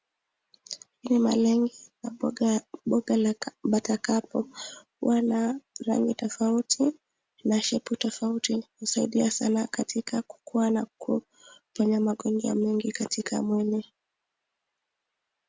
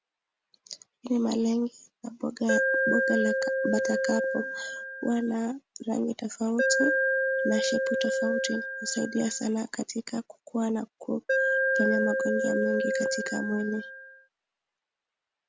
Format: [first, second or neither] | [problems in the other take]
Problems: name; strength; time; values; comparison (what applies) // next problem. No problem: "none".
first | background sound (Alarm); 2 dB above the speech